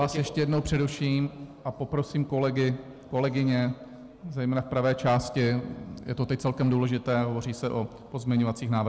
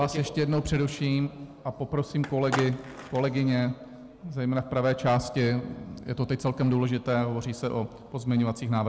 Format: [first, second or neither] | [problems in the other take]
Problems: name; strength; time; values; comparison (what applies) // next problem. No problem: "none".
first | background sound (Skateboard); 9 dB below the speech